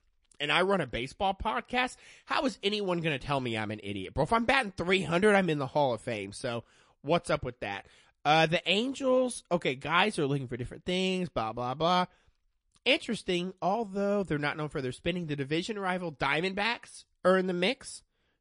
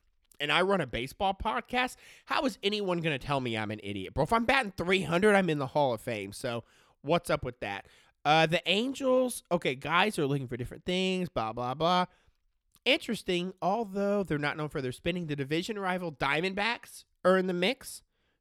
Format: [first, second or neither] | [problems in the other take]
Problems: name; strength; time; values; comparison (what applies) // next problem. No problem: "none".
second | garbled, watery; slightly; nothing above 10.5 kHz